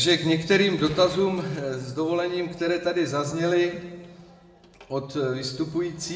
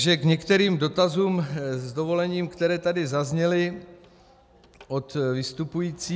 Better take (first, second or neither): second